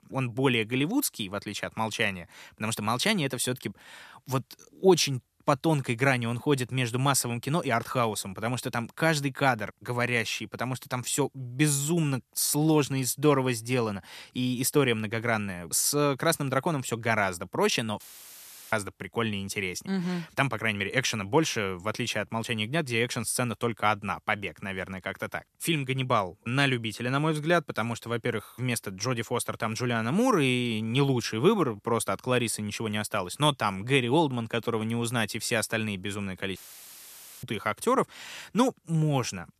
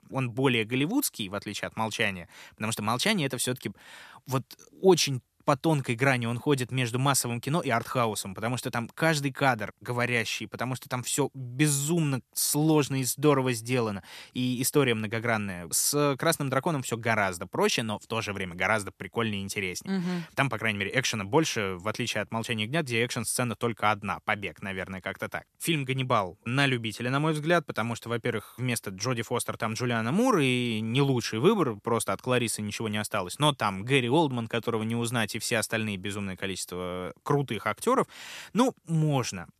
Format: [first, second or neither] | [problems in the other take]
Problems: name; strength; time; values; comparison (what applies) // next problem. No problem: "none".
second | audio cutting out; filled with static; at 18 s for 0.5 s and at 37 s for 1 s